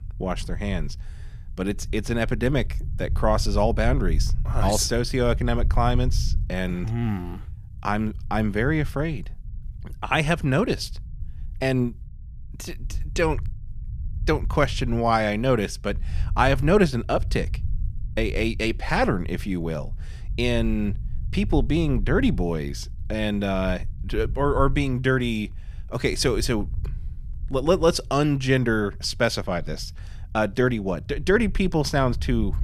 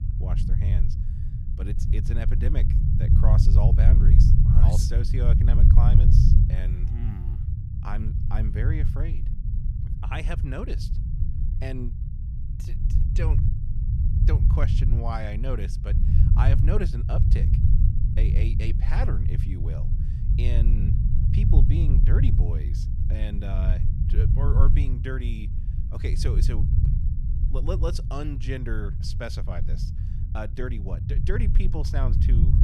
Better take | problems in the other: first | low rumble; loud; throughout; 2 dB below the speech; faint in the first

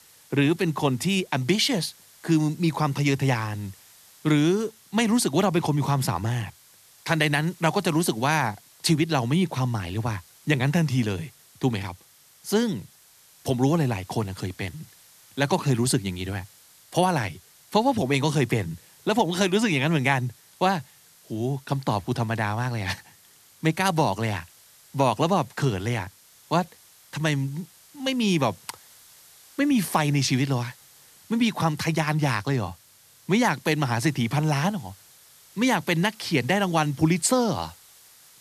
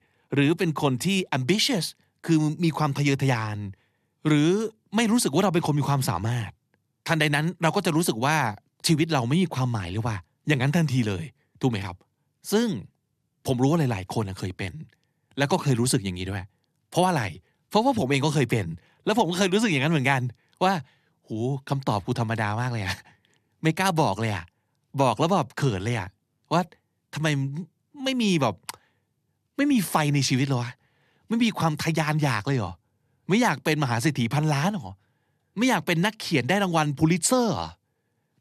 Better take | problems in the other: second | hiss; faint; throughout; 25 dB below the speech

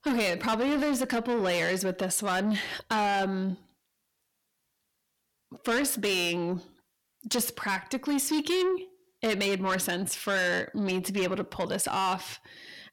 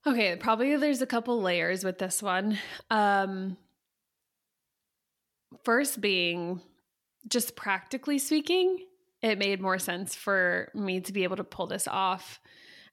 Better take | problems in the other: second | distortion; heavy; 8 dB below the speech

